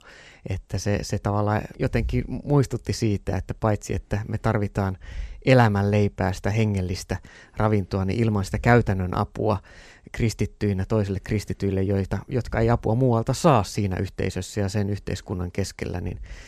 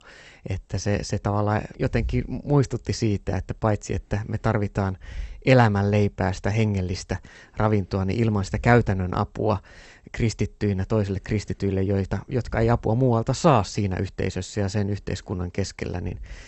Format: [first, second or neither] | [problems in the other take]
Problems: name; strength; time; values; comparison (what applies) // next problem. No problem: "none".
first | garbled, watery; slightly; nothing above 8 kHz